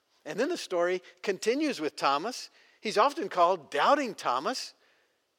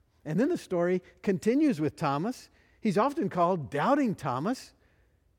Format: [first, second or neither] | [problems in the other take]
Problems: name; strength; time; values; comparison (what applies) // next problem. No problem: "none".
second | thin; somewhat; fading below 500 Hz